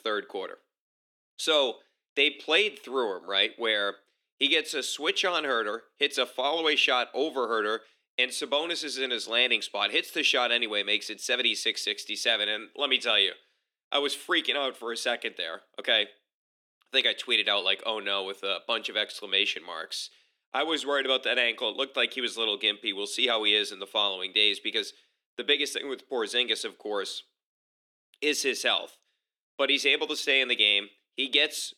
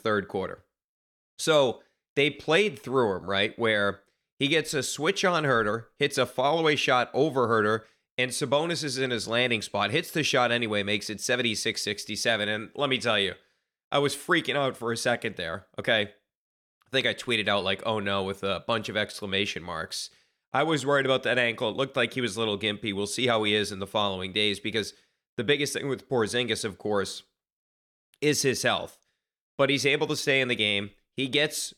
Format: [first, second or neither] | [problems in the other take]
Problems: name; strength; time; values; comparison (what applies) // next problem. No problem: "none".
second | thin; very slightly; fading below 250 Hz